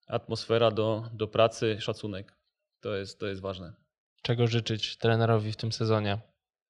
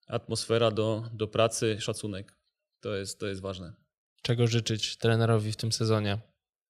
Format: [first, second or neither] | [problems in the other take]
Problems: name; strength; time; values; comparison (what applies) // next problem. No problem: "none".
second | muffled; very slightly; fading above 4 kHz